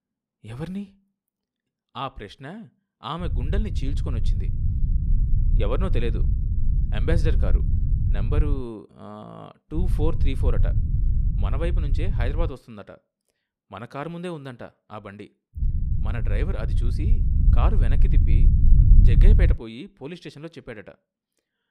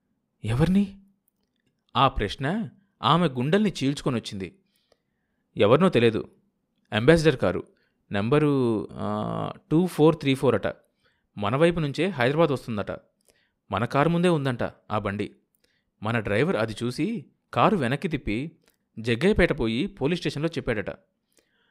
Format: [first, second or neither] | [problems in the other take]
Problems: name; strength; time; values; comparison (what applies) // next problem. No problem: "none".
second | low rumble; loud; from 3 to 8.5 s, from 9.5 to 12 s and from 16 to 20 s; 5 dB below the speech